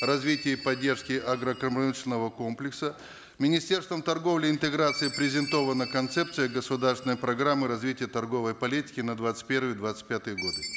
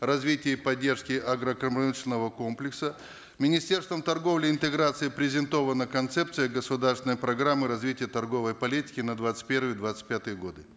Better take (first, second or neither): second